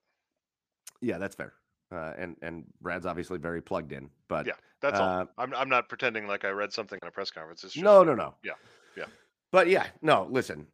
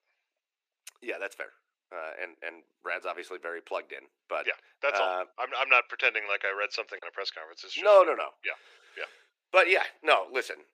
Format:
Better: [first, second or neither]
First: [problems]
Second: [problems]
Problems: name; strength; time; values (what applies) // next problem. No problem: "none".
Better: first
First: none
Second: thin; very; fading below 400 Hz